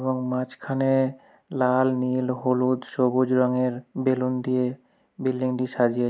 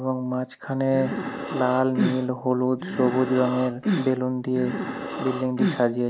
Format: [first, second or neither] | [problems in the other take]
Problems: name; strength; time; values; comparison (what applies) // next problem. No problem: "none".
first | background sound (Breathing); 4 dB below the speech